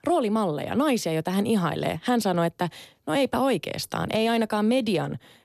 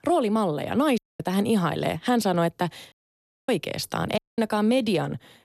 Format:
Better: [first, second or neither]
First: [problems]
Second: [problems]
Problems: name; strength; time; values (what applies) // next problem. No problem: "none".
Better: first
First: none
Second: audio cutting out; at 1 s, at 3 s for 0.5 s and at 4 s